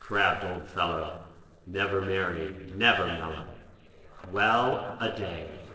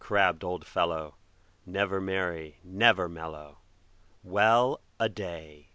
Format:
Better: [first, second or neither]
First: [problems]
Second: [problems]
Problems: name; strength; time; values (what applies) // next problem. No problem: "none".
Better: second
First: noise reduction (neural separator model SepFormer DNS4)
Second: none